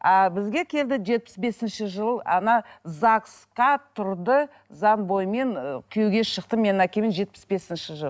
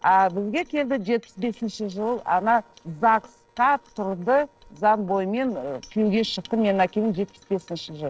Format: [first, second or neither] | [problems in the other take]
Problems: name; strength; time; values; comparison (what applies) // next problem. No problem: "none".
first | noise reduction (neural separator model SepFormer DNS4)